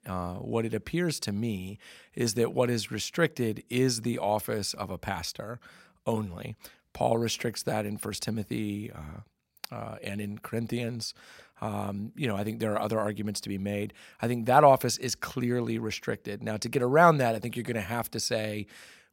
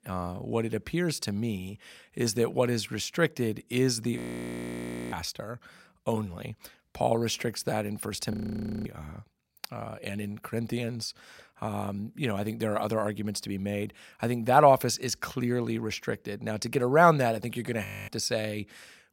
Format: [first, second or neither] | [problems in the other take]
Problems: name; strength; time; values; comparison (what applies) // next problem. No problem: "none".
first | audio freezing; at 4 s for 1 s, at 8.5 s for 0.5 s and at 18 s